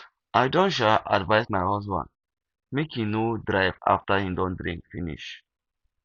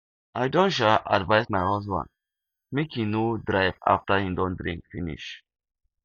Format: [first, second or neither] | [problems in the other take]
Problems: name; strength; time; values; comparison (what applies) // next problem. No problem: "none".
first | noise reduction (neural mask model DeepFilterNet 3)